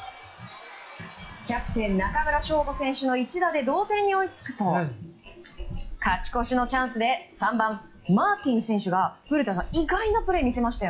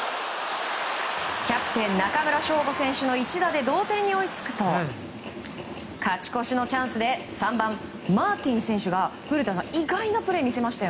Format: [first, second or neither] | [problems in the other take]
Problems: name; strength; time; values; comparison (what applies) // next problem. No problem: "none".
second | noise reduction (classical method log-MMSE)